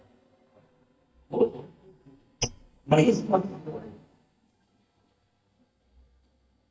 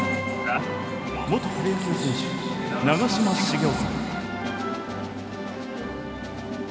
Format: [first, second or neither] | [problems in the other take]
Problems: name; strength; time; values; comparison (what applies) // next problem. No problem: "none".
second | noise reduction (neural mask model DeepFilterNet 3)